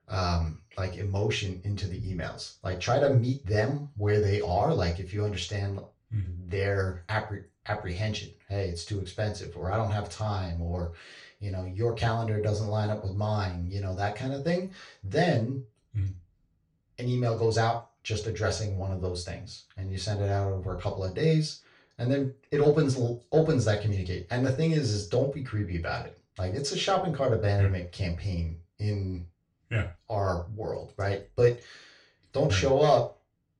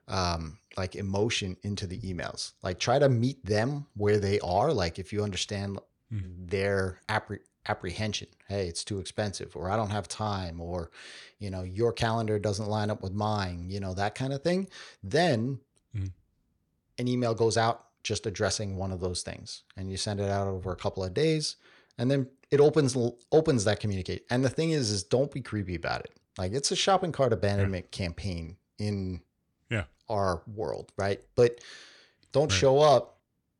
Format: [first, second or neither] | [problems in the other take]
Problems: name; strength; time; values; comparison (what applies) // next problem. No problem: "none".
second | room echo; slight; dies away in 0.3 s // off-mic speech; far